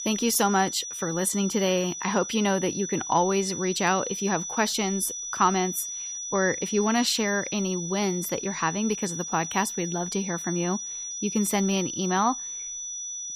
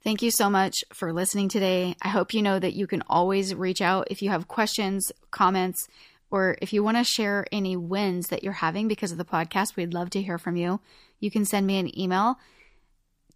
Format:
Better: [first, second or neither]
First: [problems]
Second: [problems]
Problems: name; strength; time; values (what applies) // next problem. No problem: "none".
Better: second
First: high-pitched whine; loud; throughout; 6 kHz, 6 dB below the speech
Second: none